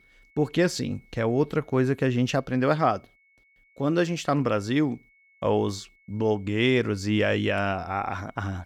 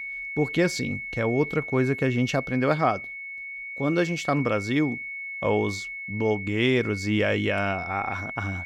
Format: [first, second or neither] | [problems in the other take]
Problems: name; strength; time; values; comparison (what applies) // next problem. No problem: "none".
first | high-pitched whine; loud; throughout; 2 kHz, 7 dB below the speech; faint in the first